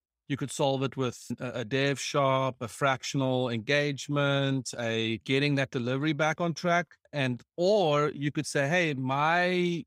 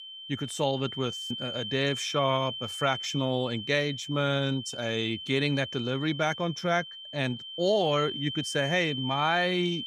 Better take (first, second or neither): first